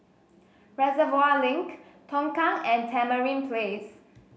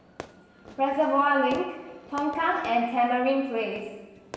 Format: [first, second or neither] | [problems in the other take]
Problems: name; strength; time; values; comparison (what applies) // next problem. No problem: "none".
first | background sound (Fireworks); 20 dB below the speech // room echo; dies away in 1.2 s